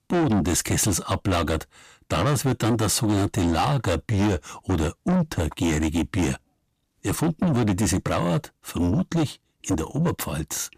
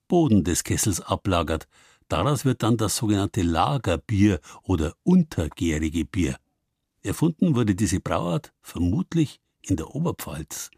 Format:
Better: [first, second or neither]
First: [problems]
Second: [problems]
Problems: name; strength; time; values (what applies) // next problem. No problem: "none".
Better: second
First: distortion; heavy; 7 dB below the speech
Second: none